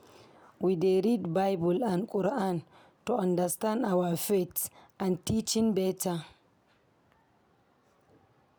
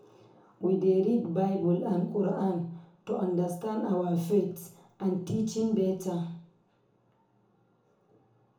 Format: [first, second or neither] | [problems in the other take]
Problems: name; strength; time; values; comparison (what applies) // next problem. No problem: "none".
first | room echo; dies away in 0.7 s